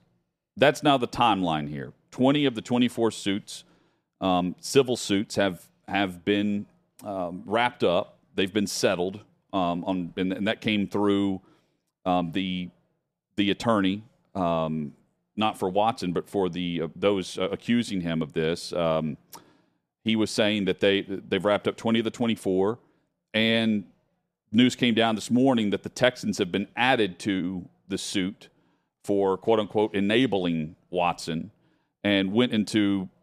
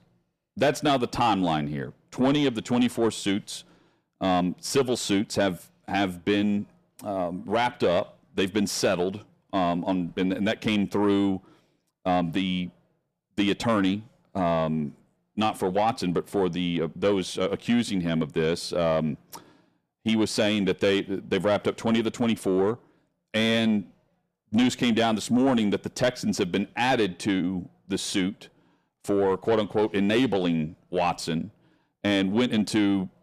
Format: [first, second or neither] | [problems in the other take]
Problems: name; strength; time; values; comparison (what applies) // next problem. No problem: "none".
first | distortion; slight; 10 dB below the speech